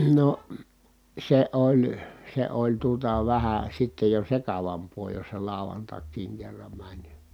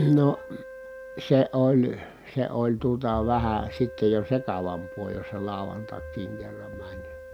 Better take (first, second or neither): first